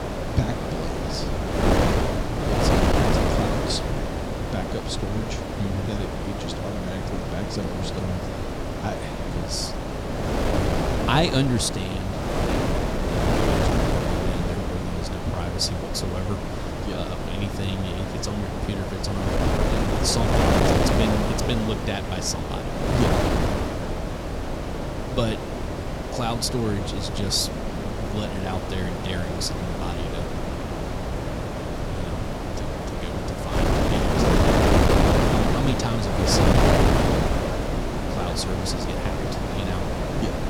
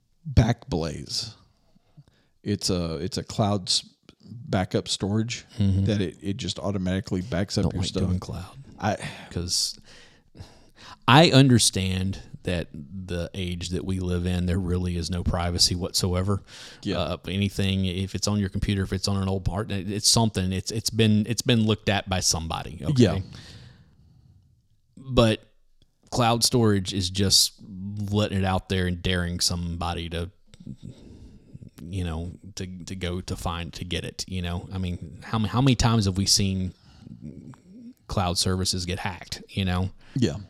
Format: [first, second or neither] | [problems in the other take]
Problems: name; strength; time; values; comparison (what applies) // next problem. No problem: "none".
second | wind noise on the microphone; heavy; 4 dB above the speech